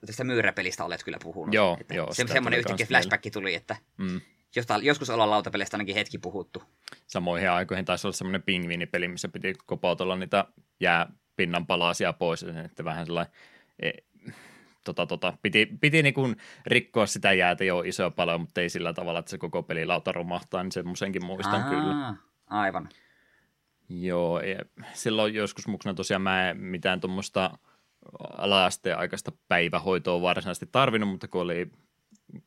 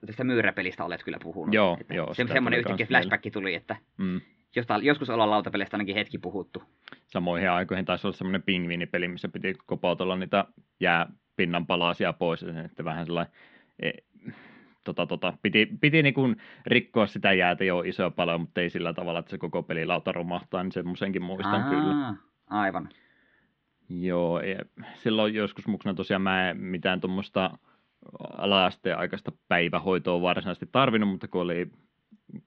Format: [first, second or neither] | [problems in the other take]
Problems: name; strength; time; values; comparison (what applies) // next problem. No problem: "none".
first | muffled; very; fading above 3.5 kHz